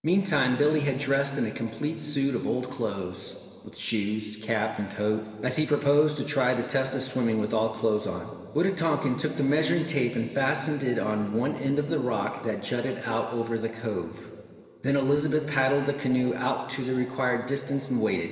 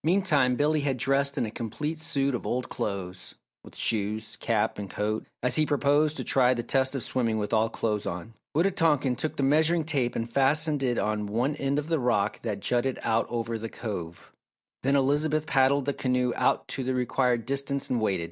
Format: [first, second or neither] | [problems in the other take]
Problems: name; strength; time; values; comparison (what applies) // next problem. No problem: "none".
second | room echo; dies away in 2.5 s